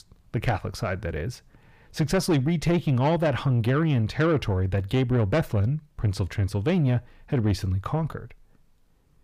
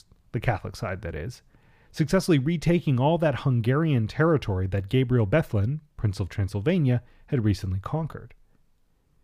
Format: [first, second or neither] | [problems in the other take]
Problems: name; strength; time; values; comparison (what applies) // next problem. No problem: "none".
second | distortion; slight; 10 dB below the speech